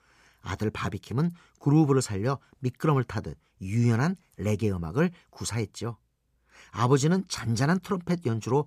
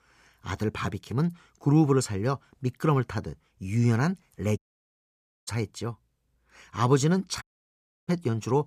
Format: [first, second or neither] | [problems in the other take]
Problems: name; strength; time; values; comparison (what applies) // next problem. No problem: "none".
first | audio cutting out; at 4.5 s for 1 s and at 7.5 s for 0.5 s